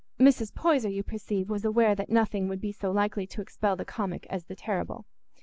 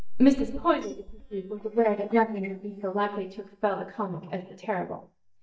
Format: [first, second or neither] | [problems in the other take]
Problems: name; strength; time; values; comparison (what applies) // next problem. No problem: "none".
first | noise reduction (neural mask model DeepFilterNet 3)